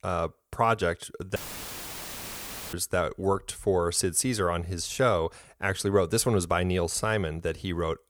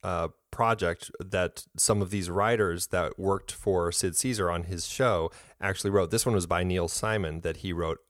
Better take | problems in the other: second | audio cutting out; filled with static; at 1.5 s for 1.5 s

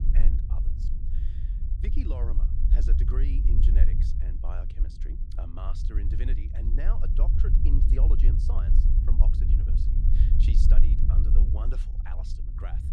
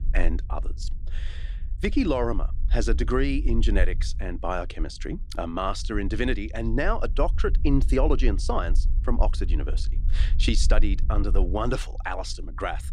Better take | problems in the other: second | low rumble; loud; throughout; as loud as the speech; faint in the second

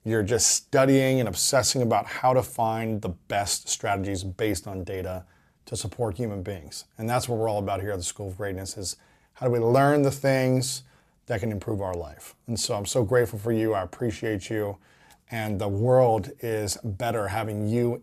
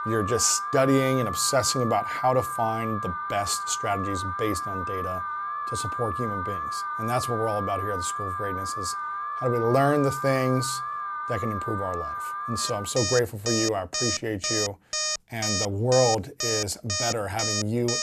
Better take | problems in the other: first | alarms or sirens; loud; throughout; 2 dB below the speech

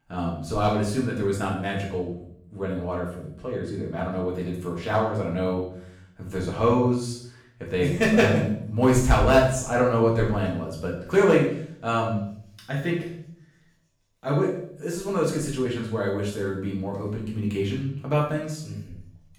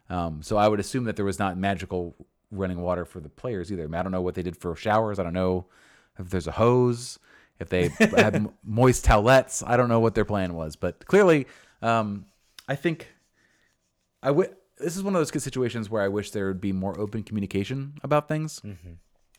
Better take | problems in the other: second | room echo; noticeable; dies away in 0.6 s // off-mic speech; far

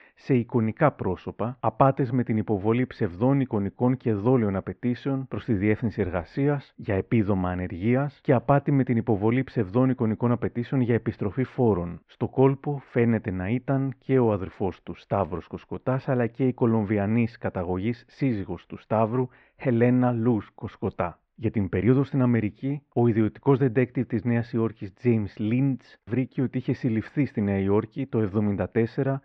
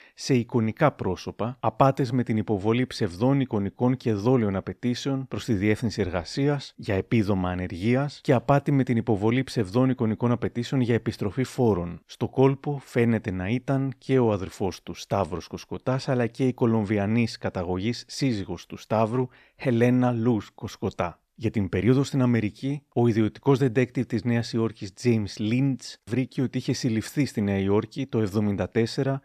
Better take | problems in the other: second | muffled; very; fading above 2.5 kHz

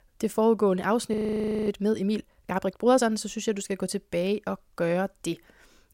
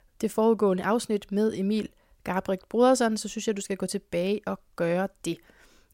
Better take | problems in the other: second | audio freezing; at 1 s for 0.5 s

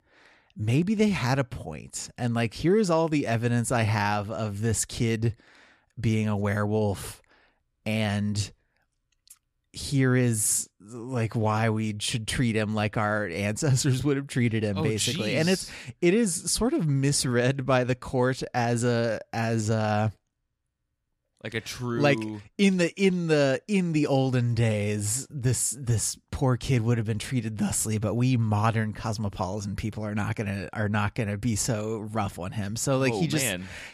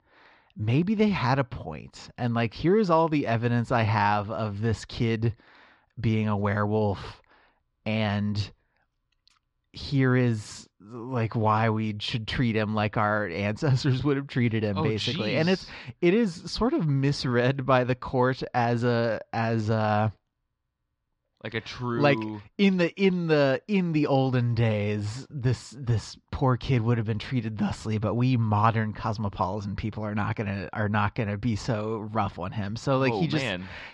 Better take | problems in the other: first | muffled; slightly; fading above 4.5 kHz

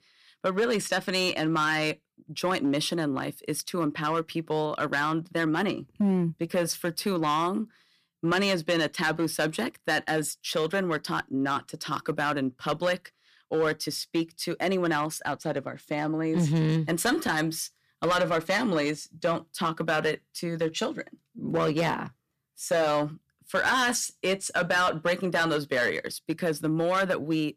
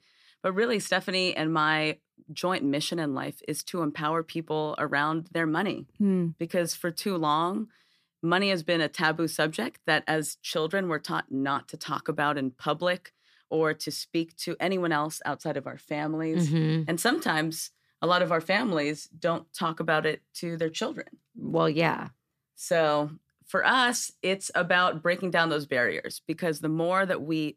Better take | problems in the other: second | distortion; slight; 5% of the sound clipped

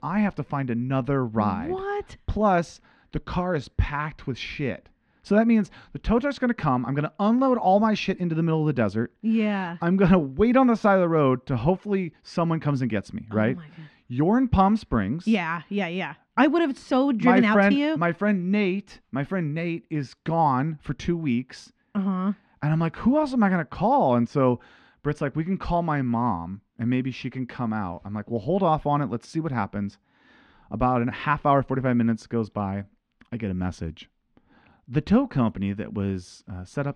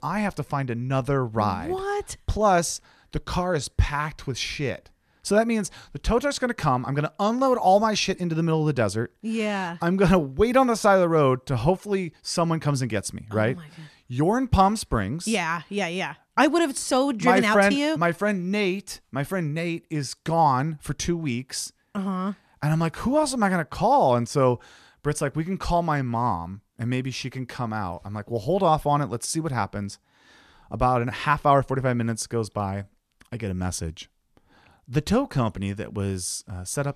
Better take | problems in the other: second | muffled; slightly; fading above 2.5 kHz

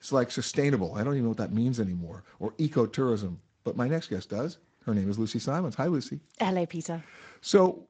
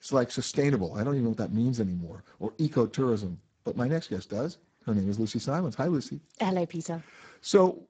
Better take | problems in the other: first | garbled, watery; badly; nothing above 7.5 kHz; slightly in the first

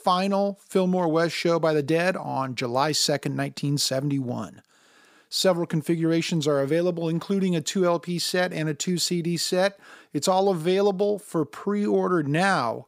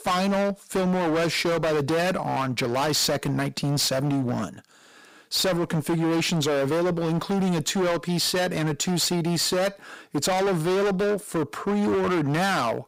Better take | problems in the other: first | distortion; heavy; 29% of the sound clipped

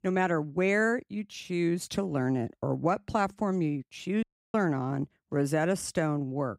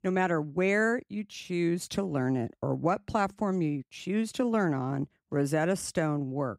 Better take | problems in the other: second | audio cutting out; at 4 s

